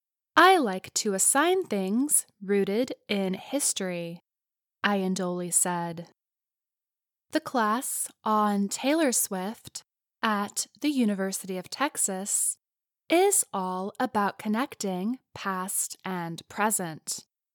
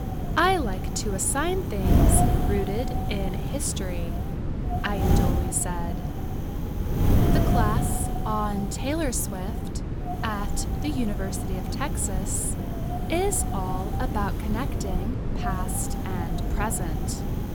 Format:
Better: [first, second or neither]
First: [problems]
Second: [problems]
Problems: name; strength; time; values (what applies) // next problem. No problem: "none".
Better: first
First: none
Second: wind noise on the microphone; heavy; 4 dB below the speech